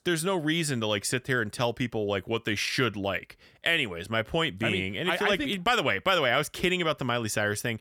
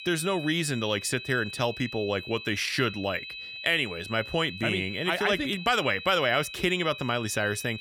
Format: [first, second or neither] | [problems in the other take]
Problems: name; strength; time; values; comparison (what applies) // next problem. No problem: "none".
first | high-pitched whine; noticeable; throughout; 2.5 kHz, 10 dB below the speech